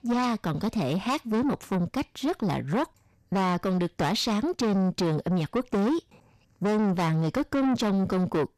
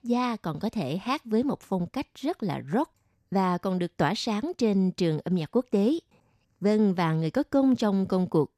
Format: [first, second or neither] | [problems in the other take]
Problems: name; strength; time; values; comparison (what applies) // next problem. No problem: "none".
second | distortion; heavy; 7 dB below the speech